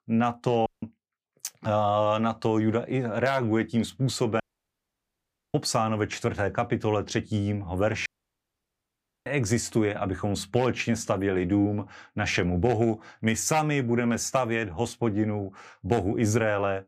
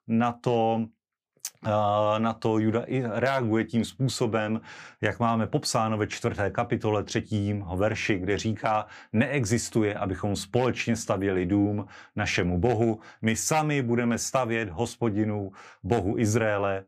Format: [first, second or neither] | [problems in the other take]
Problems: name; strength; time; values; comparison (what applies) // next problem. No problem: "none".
second | audio cutting out; at 0.5 s, at 4.5 s for 1 s and at 8 s for 1 s